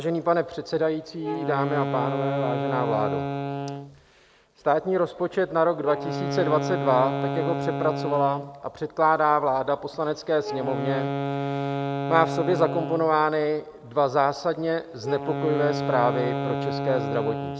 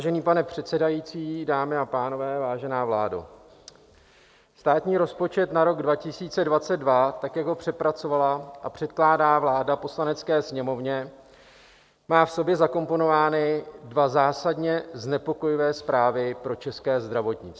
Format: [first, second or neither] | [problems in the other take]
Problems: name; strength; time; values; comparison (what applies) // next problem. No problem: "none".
second | background sound (Wind instrument, woodwind instrument); 5 dB below the speech